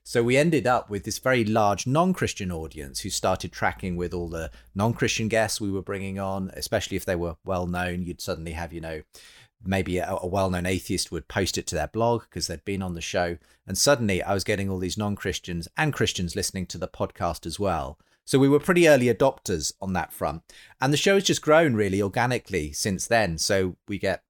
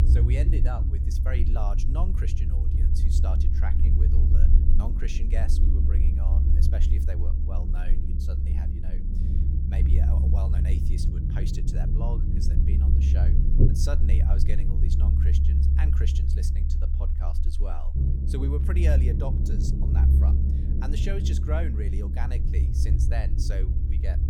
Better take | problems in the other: first | low rumble; loud; throughout; as loud as the speech

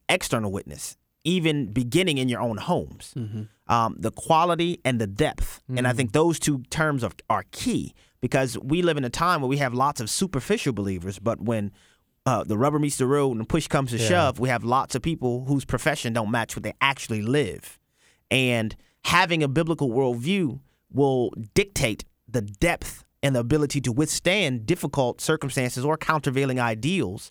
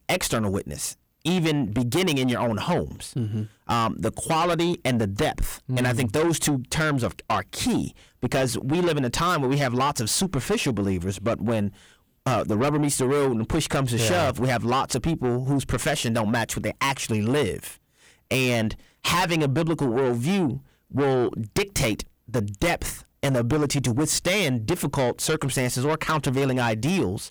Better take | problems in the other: first | distortion; heavy; 7 dB below the speech

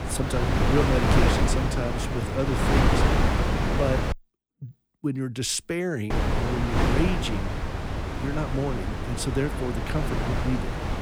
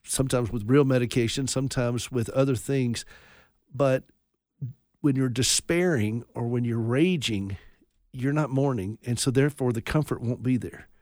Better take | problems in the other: second | wind noise on the microphone; heavy; until 4 s and from 6 s on; 3 dB above the speech

